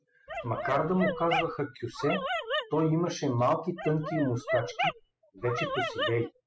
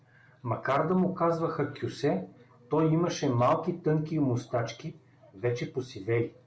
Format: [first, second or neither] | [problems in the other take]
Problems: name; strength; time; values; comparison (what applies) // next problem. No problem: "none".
second | noise reduction (classical method spectral subtraction)